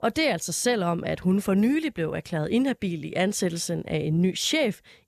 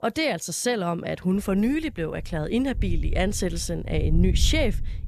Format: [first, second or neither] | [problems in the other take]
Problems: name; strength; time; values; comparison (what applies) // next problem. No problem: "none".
first | wind noise on the microphone; occasional gusts; from 1.5 s on; 20 dB below the speech